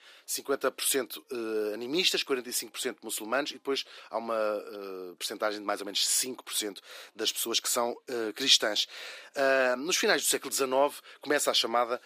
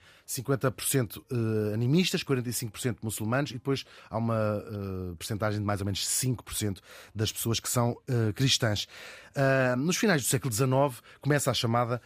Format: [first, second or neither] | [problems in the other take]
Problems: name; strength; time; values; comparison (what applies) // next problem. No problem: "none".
second | thin; somewhat; fading below 300 Hz